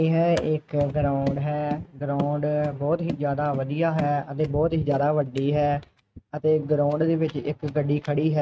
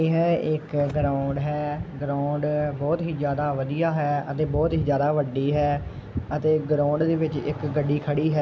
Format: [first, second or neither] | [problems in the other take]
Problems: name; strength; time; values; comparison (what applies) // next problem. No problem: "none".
second | noise reduction (neural mask model RNNoise)